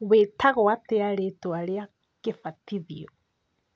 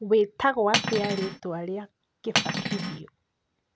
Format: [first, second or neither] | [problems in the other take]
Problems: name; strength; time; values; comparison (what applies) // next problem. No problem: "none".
first | background sound (Cutlery, silverware); as loud as the speech